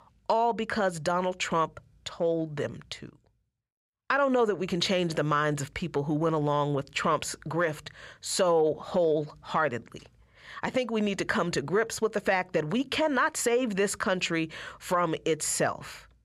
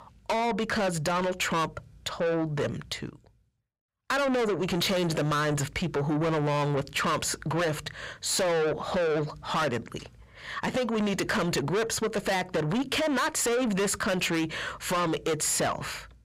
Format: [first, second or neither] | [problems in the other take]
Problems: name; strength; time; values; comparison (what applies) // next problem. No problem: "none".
first | distortion; heavy; 6 dB below the speech